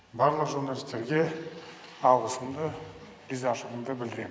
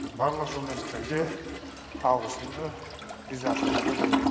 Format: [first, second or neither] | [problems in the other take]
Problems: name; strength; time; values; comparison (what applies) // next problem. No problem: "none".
first | background sound (Toilet flush); as loud as the speech